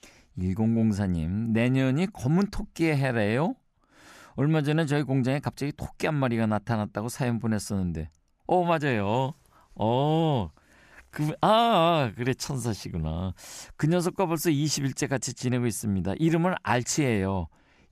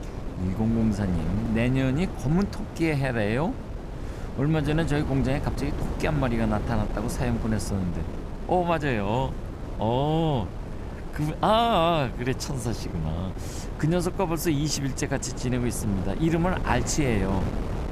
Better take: first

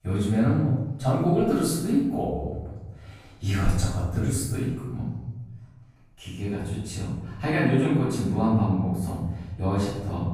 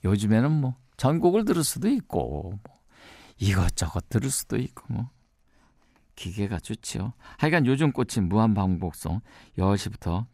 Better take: second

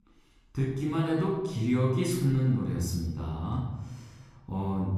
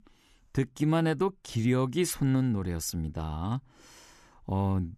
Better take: second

